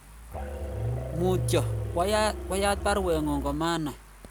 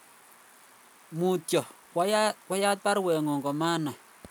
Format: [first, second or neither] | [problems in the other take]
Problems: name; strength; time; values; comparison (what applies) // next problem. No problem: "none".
second | background sound (Musical instrument + Engine starting / Car); 4 dB below the speech